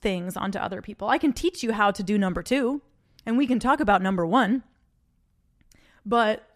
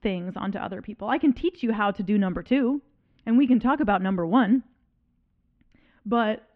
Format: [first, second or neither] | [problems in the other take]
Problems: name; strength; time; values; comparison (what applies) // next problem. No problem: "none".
first | muffled; very; fading above 3 kHz